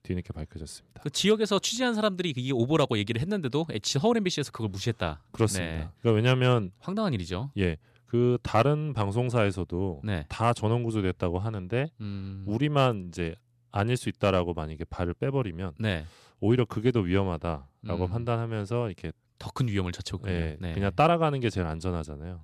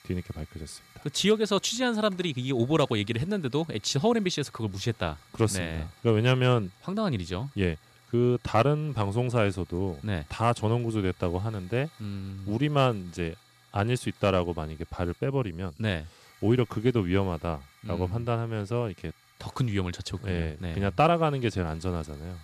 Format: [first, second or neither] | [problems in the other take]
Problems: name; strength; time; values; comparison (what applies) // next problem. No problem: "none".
first | hiss; faint; throughout; 30 dB below the speech